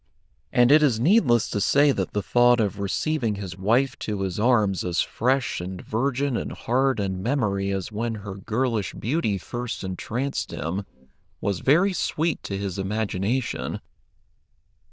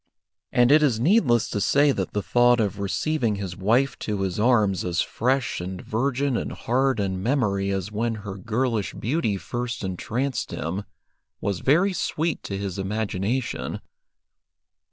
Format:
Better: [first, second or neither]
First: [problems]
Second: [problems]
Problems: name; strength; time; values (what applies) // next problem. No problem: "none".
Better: second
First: noise reduction (neural diffusion model UNIVERSE++)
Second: none